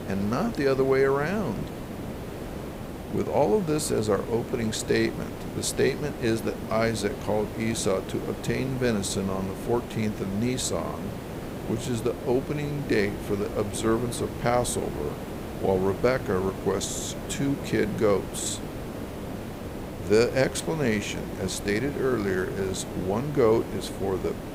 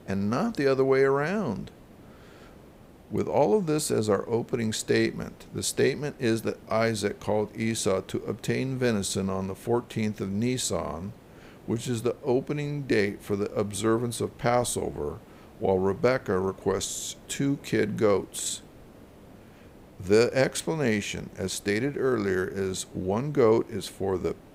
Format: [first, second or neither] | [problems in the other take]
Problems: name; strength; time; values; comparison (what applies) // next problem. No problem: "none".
second | hiss; loud; throughout; 9 dB below the speech; faint in the second